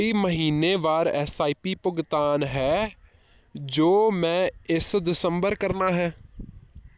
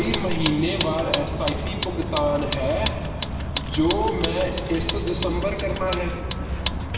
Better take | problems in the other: first | background sound (Vehicle); 2 dB below the speech // room echo; dies away in 2.7 s

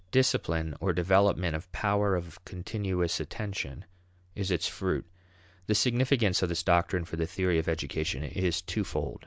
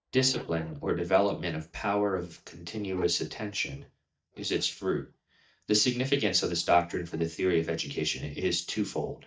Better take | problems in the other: first | noise reduction (neural mask model DeepFilterNet 3)

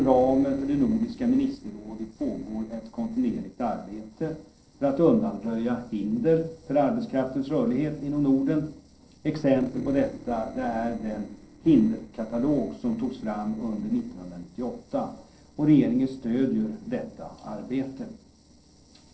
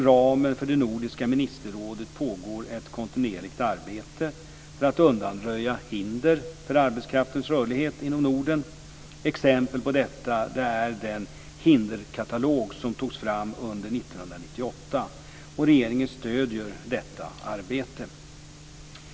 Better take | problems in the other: second | noise reduction (neural separator model SepFormer DNS4)

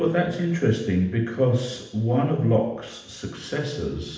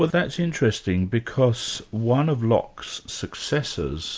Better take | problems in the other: second | room echo; dies away in 0.8 s

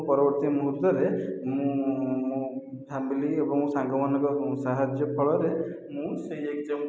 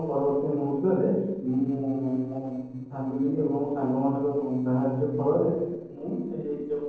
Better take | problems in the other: first | noise reduction (neural separator model SepFormer DNS4)

